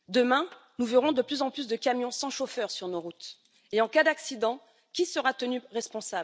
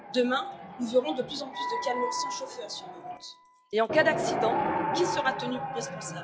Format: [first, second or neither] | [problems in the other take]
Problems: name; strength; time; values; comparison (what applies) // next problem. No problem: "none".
first | noise reduction (classical method log-MMSE)